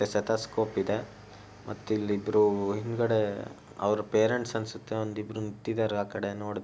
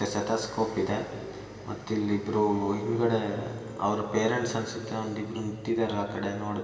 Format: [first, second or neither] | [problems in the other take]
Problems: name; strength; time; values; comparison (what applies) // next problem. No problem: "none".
first | room echo; dies away in 2.5 s